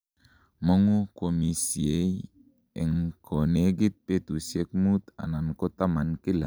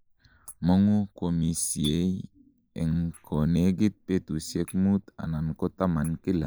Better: first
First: none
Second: noise reduction (neural mask model Resemble Enhance denoiser)

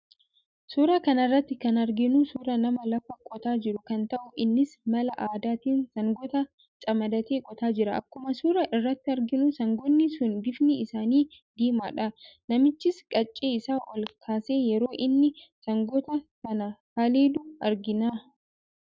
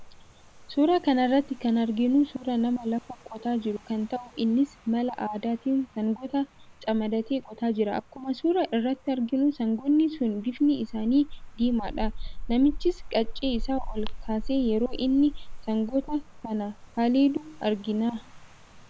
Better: first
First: none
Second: background sound (Rain); 11 dB below the speech

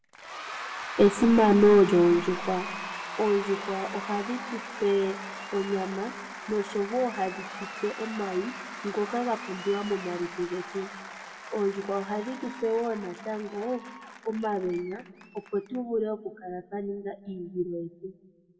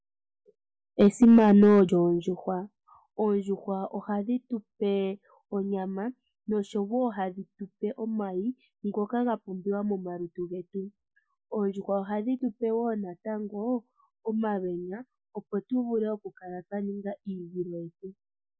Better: second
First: background sound (Applause / Crowd / Cheering); 12 dB below the speech // room echo; dies away in 0.8 s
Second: none

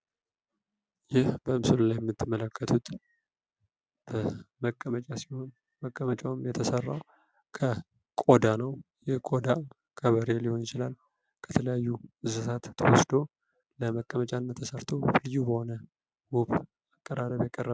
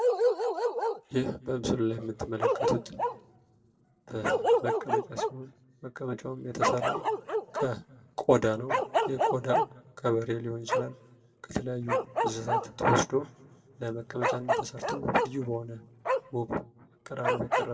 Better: first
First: none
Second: background sound (Bark); 1 dB above the speech // room echo; dies away in 1.1 s

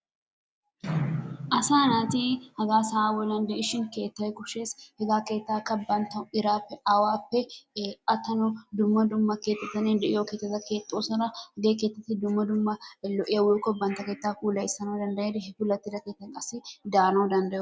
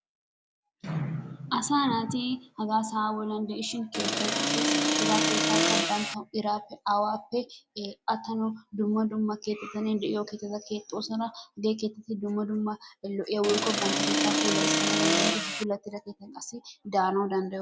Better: first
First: none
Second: background sound (Accelerating, revving, vroom); 5 dB above the speech

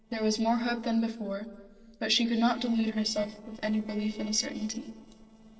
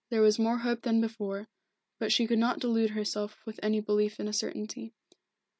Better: second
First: noise reduction (neural separator model SepFormer DNS4)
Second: none

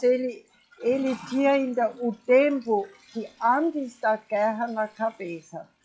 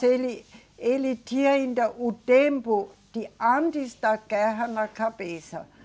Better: second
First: noise reduction (classical method log-MMSE)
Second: none

